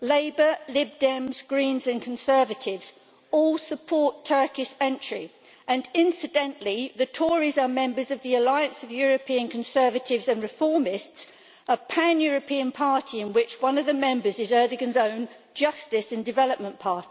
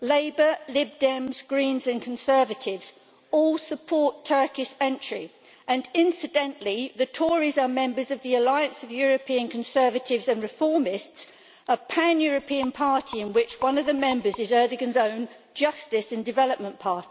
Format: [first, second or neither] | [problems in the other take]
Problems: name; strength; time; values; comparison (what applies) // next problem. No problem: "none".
first | background sound (Rattle); 17 dB below the speech